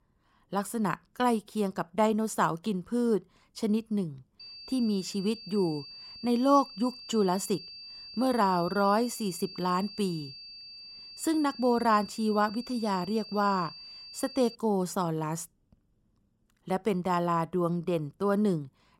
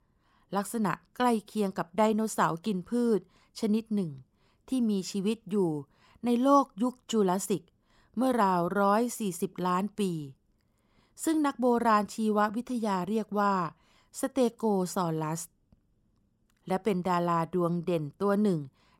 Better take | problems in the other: second | high-pitched whine; noticeable; from 4.5 to 15 s; 4.5 kHz, 15 dB below the speech

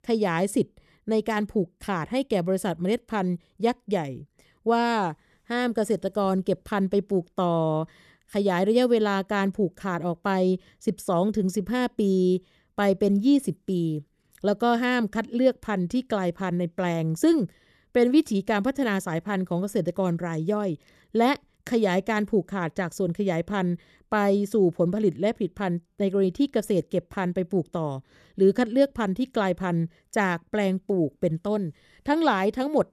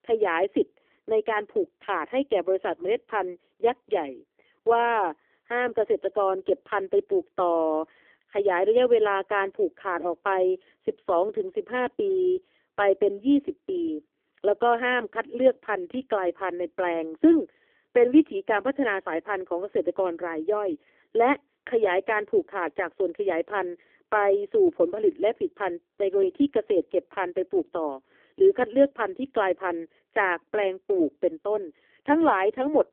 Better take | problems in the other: first | phone-call audio; poor line; nothing above 3.5 kHz

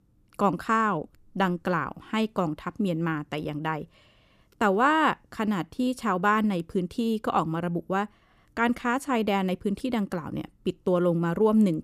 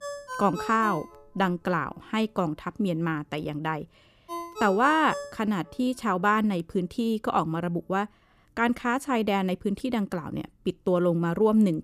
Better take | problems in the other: first | phone ringing; noticeable; until 6 s; peak 8 dB below the speech

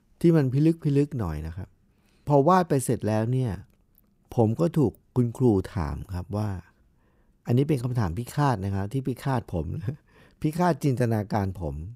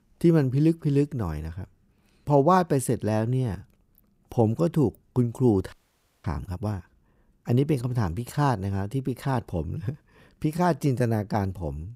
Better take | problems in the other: first | audio freezing; at 5.5 s for 0.5 s

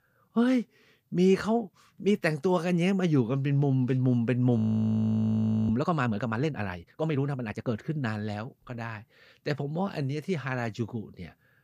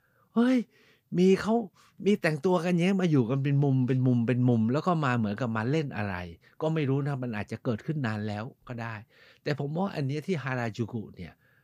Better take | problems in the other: second | audio freezing; at 4.5 s for 1 s

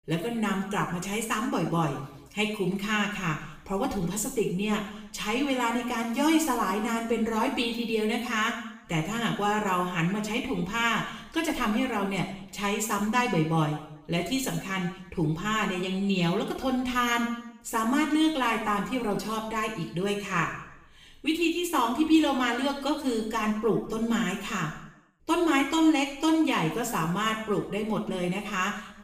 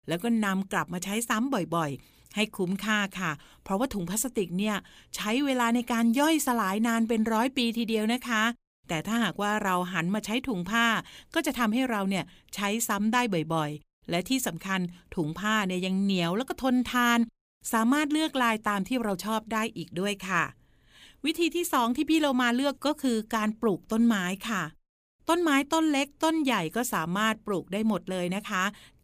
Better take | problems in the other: second | room echo; noticeable; dies away in 0.7 s // off-mic speech; far

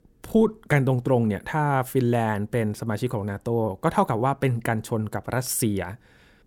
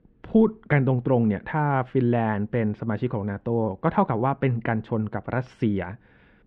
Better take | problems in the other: first | muffled; very; fading above 3 kHz

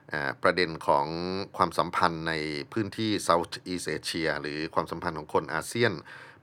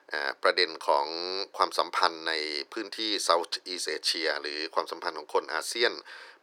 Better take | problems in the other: first | thin; very; fading below 400 Hz

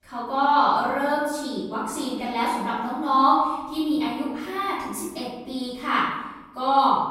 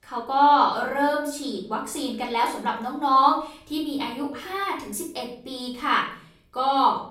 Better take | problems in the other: second | room echo; strong; dies away in 1.1 s; slight in the second // off-mic speech; far; far in the second

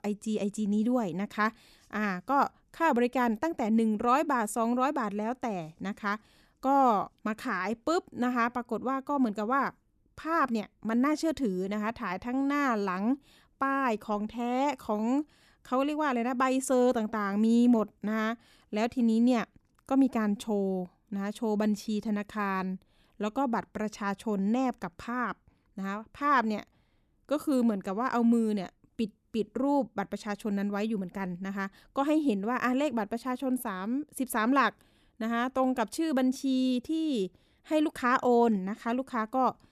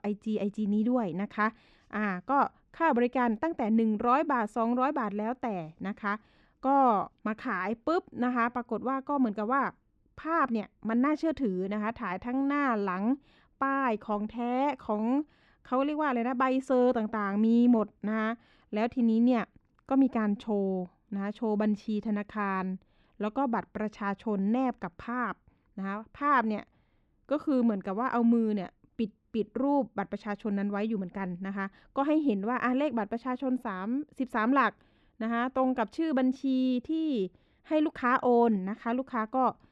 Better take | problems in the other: first | muffled; slightly; fading above 3 kHz

